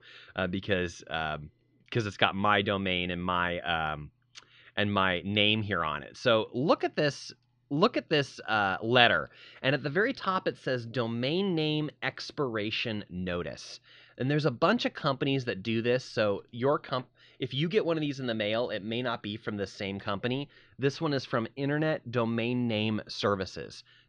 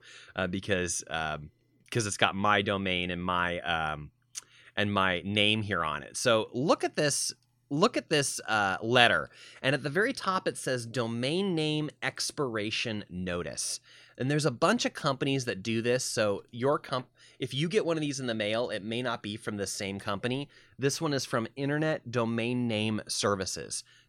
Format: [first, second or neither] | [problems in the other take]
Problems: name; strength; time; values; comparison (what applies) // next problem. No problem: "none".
second | muffled; very slightly; fading above 4 kHz